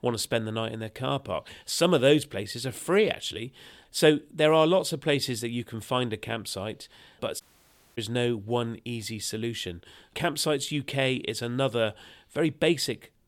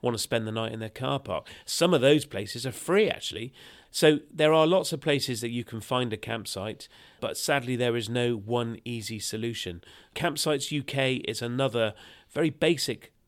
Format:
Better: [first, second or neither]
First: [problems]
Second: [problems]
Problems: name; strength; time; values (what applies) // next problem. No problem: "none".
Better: second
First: audio cutting out; at 7.5 s for 0.5 s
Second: none